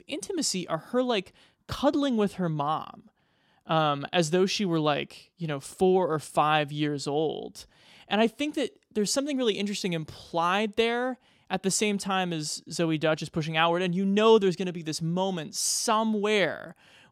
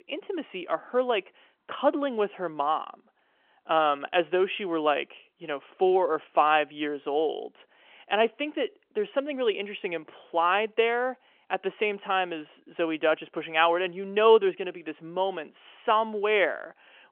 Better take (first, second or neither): first